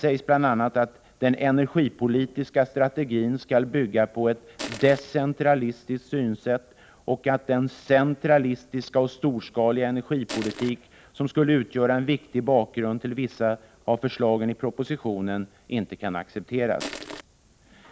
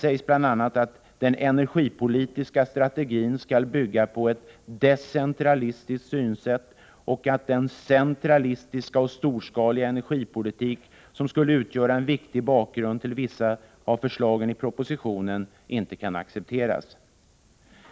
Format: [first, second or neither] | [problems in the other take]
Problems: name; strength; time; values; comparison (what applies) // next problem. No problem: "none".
second | background sound (Crushing); 10 dB below the speech